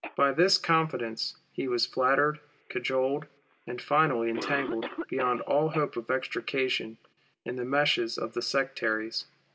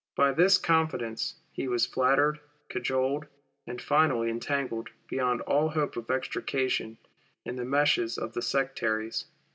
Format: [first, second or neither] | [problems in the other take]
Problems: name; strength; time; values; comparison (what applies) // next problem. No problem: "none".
second | background sound (Cough); 16 dB below the speech